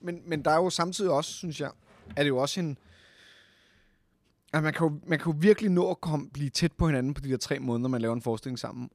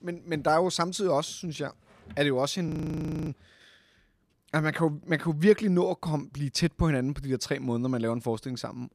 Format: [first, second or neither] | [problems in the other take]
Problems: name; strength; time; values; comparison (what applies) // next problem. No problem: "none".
first | audio freezing; at 2.5 s for 0.5 s